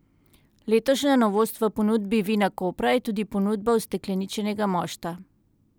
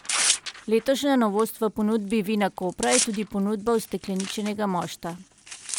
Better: first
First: none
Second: background sound (Tearing); 7 dB below the speech

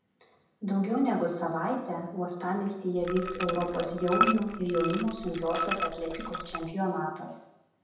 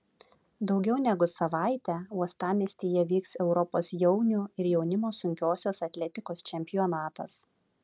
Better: second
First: background sound (Liquid); 3 dB below the speech // room echo; dies away in 0.9 s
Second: none

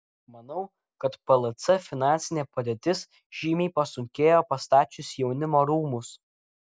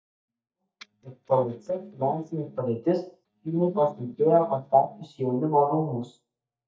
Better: first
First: none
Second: noise reduction (neural mask model DeepFilterNet 3)

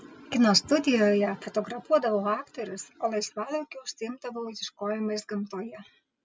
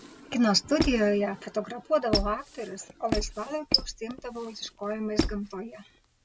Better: first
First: none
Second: background sound (Squeak); 4 dB below the speech

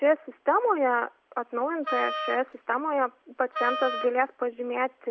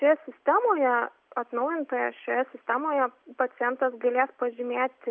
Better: second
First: background sound (Wind instrument, woodwind instrument); 6 dB below the speech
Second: none

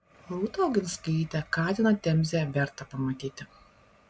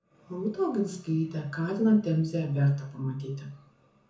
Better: first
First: none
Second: room echo; dies away in 0.6 s

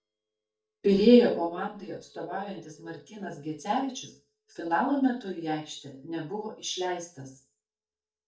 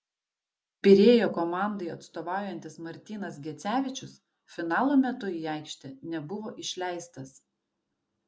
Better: second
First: noise reduction (neural mask model DeepFilterNet 3)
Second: none

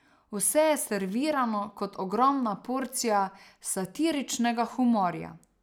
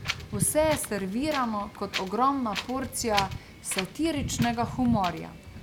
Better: first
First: none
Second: background sound (Wind); 7 dB below the speech

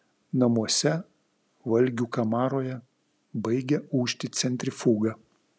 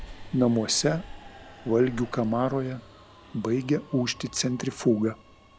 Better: first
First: none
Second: background sound (Subway, metro, underground); 18 dB below the speech

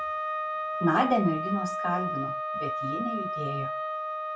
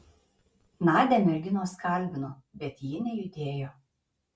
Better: second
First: background sound (Wind instrument, woodwind instrument); 1 dB below the speech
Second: none

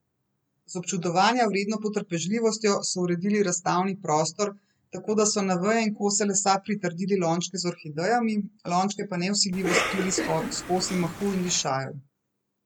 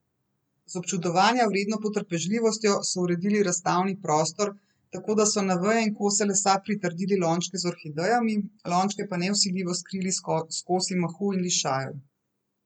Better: second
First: background sound (Cough); 4 dB below the speech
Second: none

